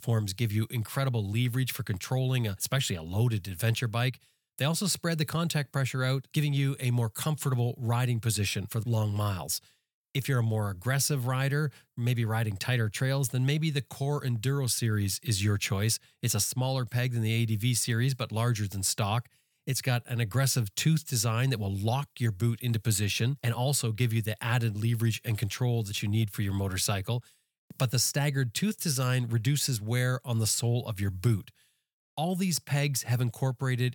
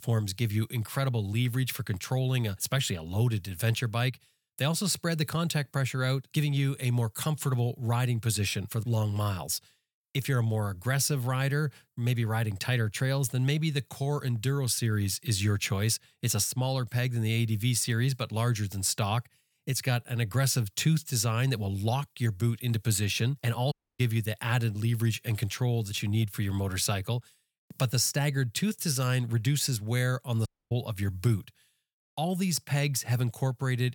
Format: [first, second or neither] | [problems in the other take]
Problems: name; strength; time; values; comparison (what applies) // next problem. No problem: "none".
first | audio cutting out; at 24 s and at 30 s